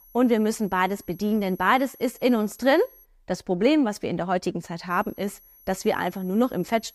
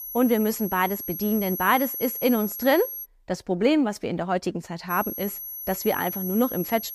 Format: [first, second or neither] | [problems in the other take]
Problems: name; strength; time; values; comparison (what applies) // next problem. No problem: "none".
first | high-pitched whine; loud; until 3 s and from 5 s on; 11.5 kHz, 6 dB below the speech; faint in the first